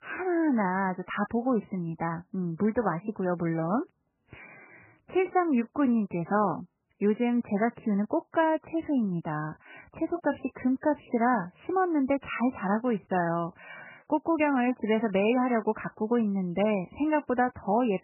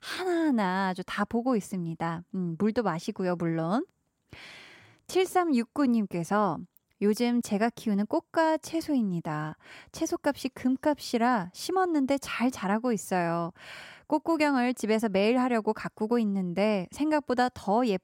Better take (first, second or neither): second